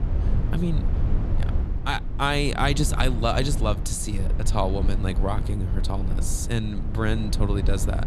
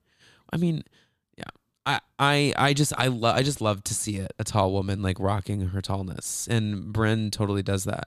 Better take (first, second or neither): second